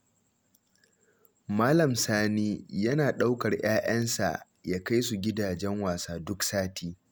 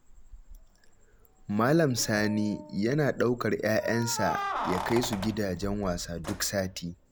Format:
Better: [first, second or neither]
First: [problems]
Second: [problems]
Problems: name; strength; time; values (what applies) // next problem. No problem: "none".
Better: first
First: none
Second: background sound (Keys jangling); 10 dB below the speech